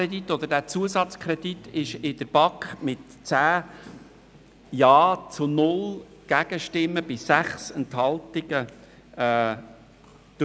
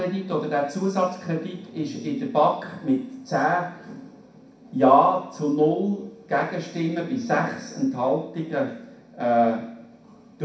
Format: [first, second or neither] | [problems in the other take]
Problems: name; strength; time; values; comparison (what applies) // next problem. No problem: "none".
first | room echo; dies away in 0.6 s